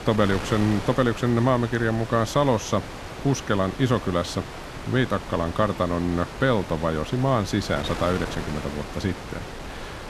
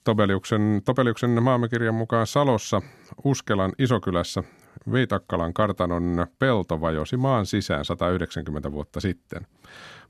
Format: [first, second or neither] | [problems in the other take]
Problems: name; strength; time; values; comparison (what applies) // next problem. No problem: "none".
second | wind noise on the microphone; heavy; 10 dB below the speech